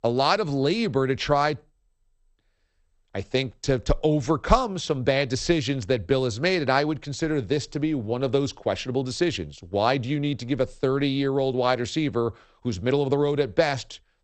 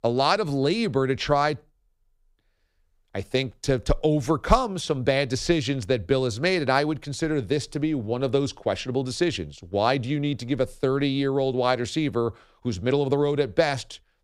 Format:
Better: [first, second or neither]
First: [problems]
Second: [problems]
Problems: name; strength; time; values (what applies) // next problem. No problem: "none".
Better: second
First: garbled, watery; slightly; nothing above 8 kHz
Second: none